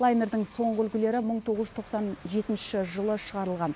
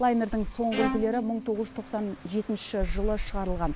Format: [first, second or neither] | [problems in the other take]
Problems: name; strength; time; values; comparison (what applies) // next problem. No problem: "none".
first | background sound (Bowed string instrument + Insect); 5 dB below the speech